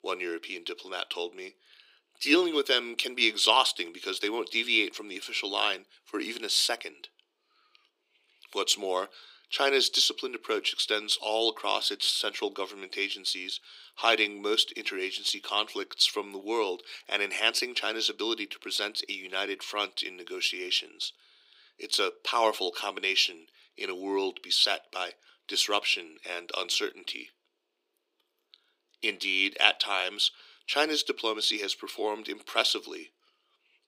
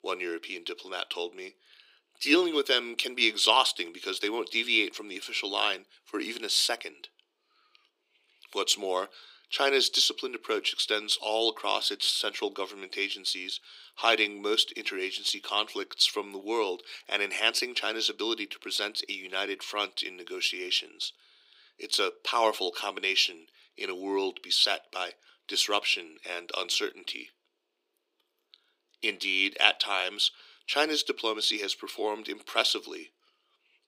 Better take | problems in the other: neither | thin; somewhat; fading below 300 Hz; the same in both

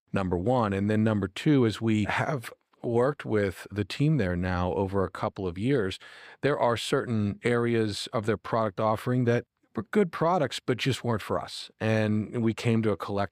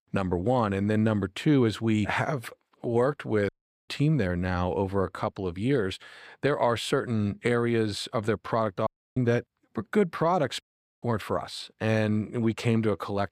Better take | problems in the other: first | audio cutting out; at 3.5 s, at 9 s and at 11 s

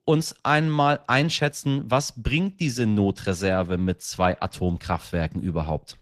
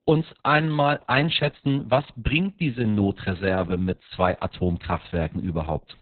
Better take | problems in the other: first | garbled, watery; badly; nothing above 4 kHz; slightly in the first

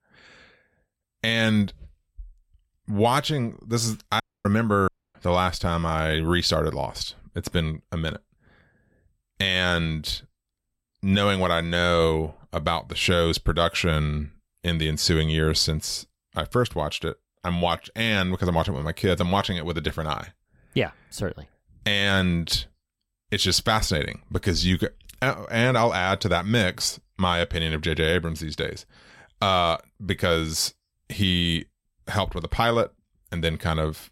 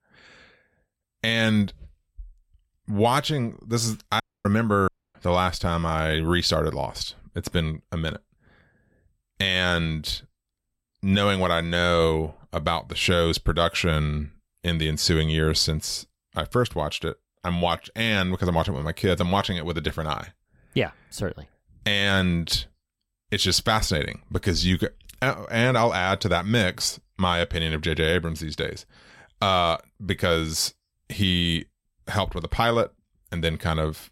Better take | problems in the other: neither | audio cutting out; at 4 s and at 5 s; the same in both

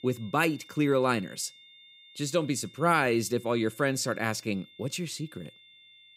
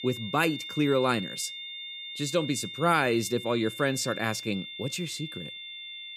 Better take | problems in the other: first | high-pitched whine; loud; throughout; 3.5 kHz, 9 dB below the speech; faint in the first

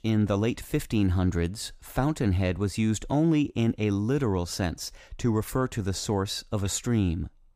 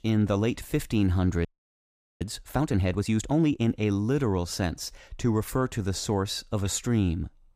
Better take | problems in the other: first | audio freezing; at 1.5 s for 1 s

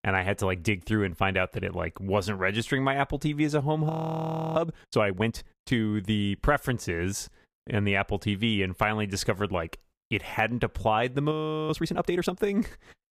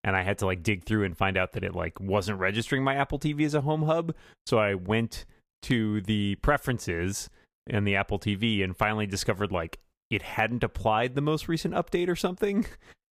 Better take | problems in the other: second | audio freezing; at 4 s for 0.5 s and at 11 s

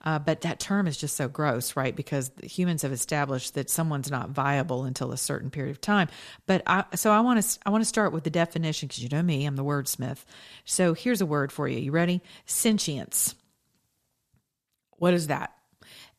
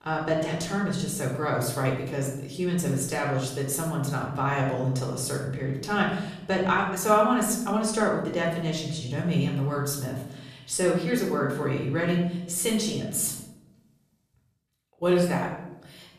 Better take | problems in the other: first | off-mic speech; somewhat distant // room echo; noticeable; dies away in 0.7 s

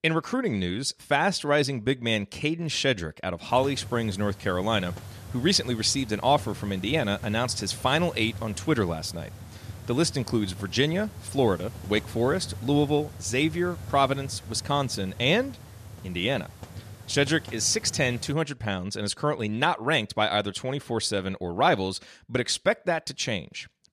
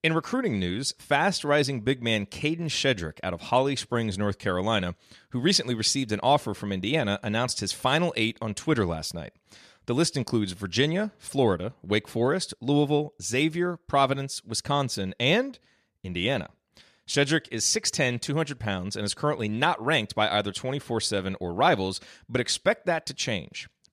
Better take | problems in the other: second | hiss; noticeable; from 3.5 to 18 s; 15 dB below the speech

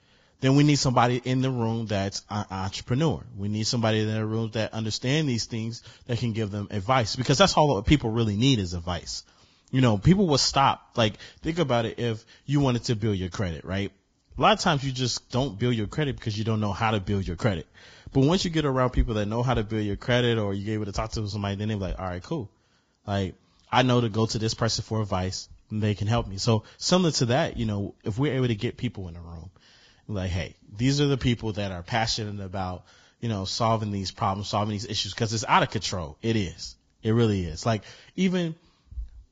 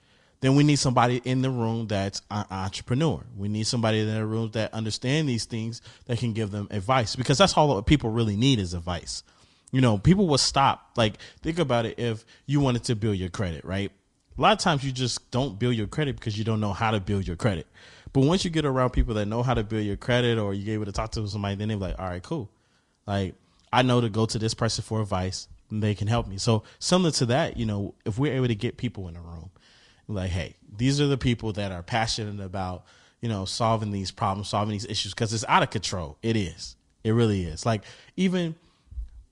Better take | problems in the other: second | garbled, watery; badly; nothing above 7.5 kHz; slightly in the second

